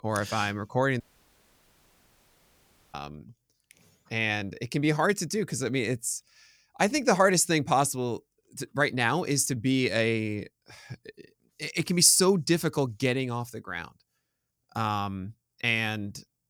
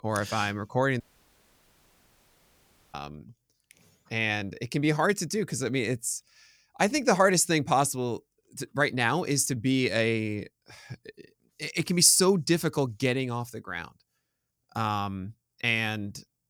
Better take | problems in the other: neither | audio cutting out; at 1 s for 2 s; the same in both

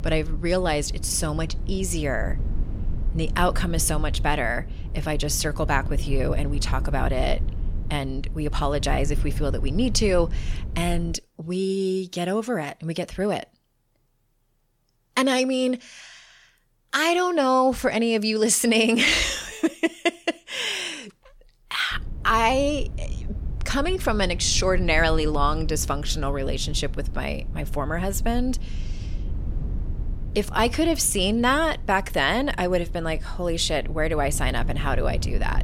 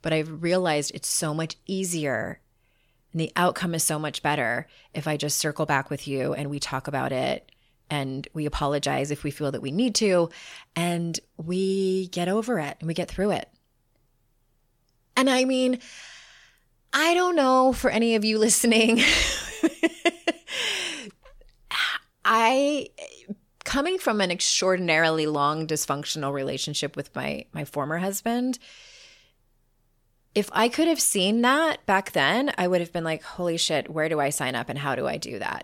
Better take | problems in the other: second | low rumble; faint; until 11 s and from 22 s on; 20 dB below the speech

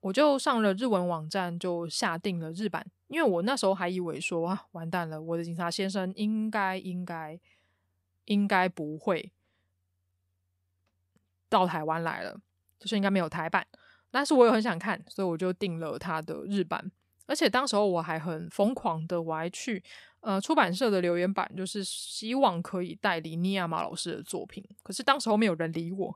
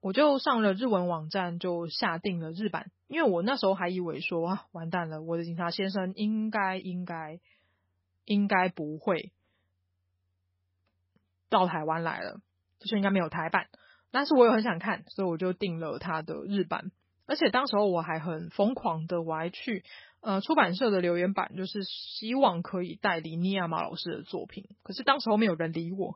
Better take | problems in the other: first | garbled, watery; badly; nothing above 5.5 kHz

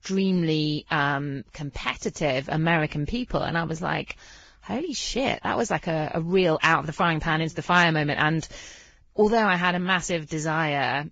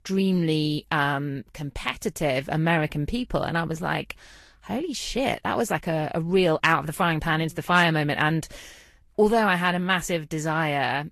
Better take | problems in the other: second | garbled, watery; badly; nothing above 7.5 kHz; slightly in the second

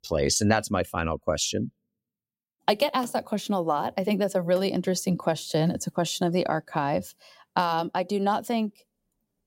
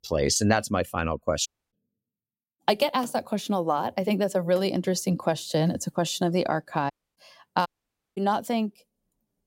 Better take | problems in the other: first | audio cutting out; at 1.5 s, at 7 s and at 7.5 s for 0.5 s

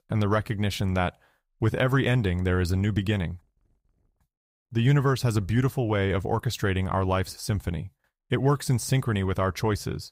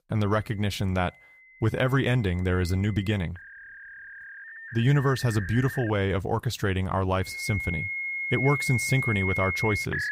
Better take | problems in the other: first | alarms or sirens; loud; throughout; 4 dB below the speech

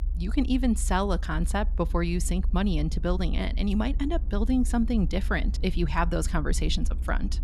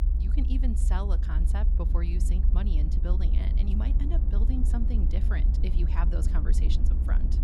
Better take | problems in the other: first | low rumble; loud; throughout; 4 dB below the speech; faint in the first

